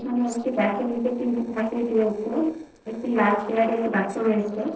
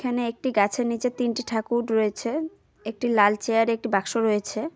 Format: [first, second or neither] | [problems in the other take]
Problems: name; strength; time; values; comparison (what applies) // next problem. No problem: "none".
second | noise reduction (neural separator model SepFormer DNS4)